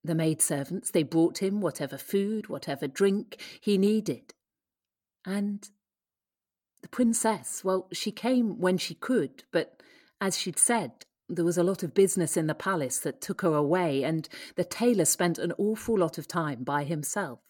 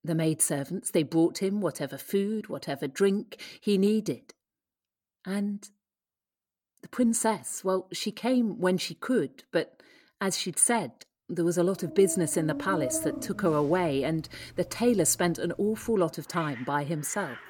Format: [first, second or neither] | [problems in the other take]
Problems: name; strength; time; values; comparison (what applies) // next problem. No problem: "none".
first | animal sounds; very faint; from 12 s on; 10 dB below the speech